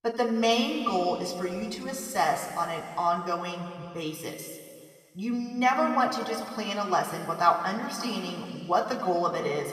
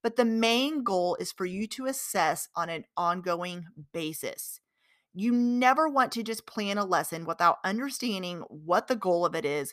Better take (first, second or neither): second